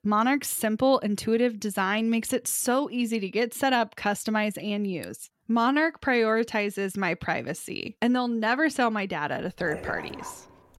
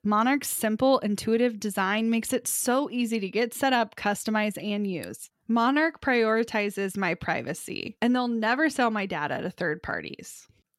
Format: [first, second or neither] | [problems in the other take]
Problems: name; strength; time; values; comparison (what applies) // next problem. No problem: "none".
second | dog barking; faint; at 9.5 s; peak 10 dB below the speech